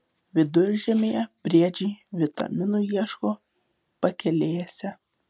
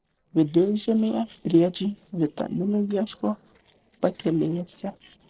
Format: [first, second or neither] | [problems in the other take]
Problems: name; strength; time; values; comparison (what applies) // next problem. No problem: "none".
first | noise reduction (neural separator model SepFormer DNS4)